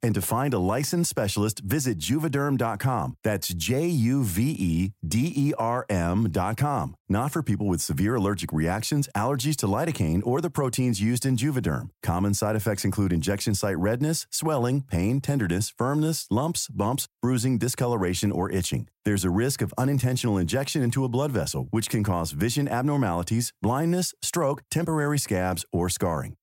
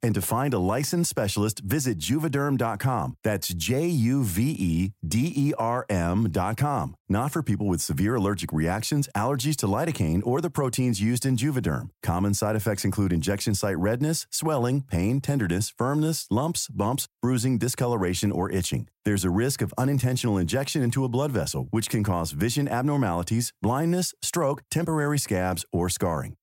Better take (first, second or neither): neither